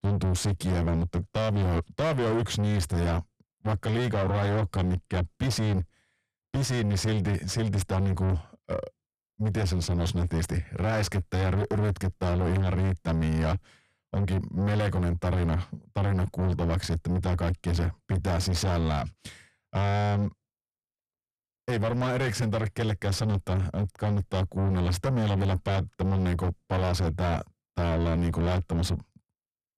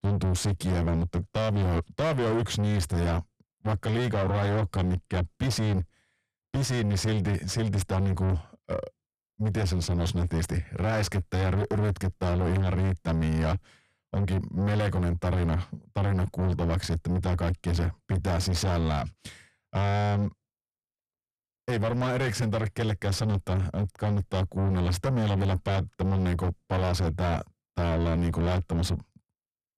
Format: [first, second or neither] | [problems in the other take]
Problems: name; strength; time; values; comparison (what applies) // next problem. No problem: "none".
neither | distortion; heavy; 6 dB below the speech; the same in both